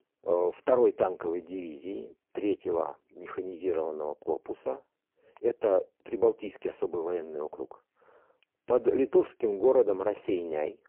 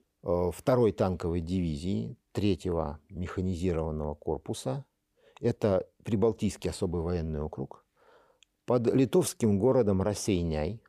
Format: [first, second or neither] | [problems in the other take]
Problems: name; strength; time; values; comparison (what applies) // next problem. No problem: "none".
second | phone-call audio; poor line